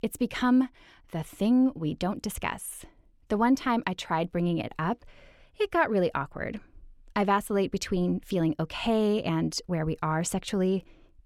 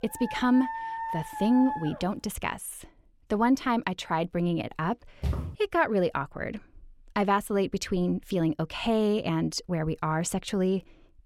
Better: first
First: none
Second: dog barking; noticeable; until 2 s; peak 5 dB below the speech // footsteps; noticeable; at 5 s; peak 4 dB below the speech

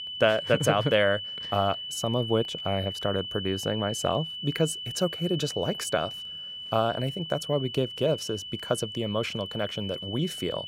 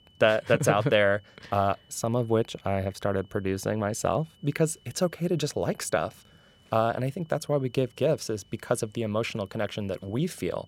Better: second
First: high-pitched whine; loud; throughout; 3 kHz, 6 dB below the speech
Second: high-pitched whine; faint; throughout; 3 kHz, 35 dB below the speech

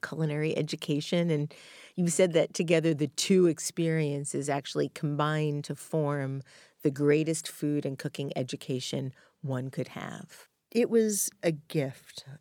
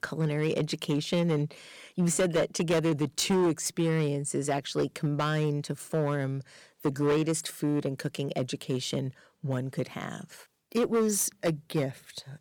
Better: first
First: none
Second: distortion; slight; 7% of the sound clipped

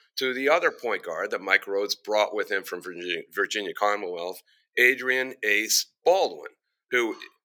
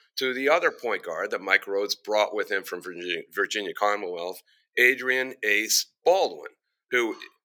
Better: neither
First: thin; somewhat; fading below 500 Hz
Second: thin; somewhat; fading below 500 Hz

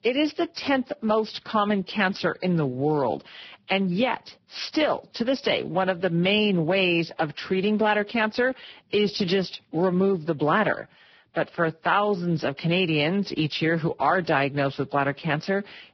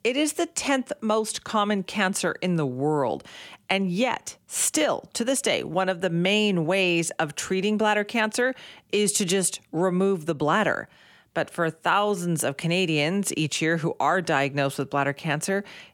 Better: second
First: garbled, watery; badly; nothing above 5.5 kHz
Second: none

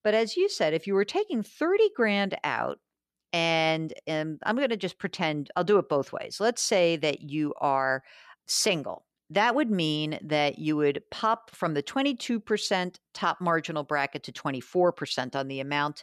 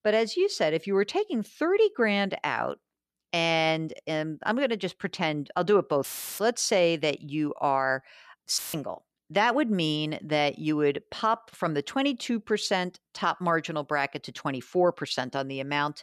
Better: first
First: none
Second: audio cutting out; filled with static; at 6 s and at 8.5 s

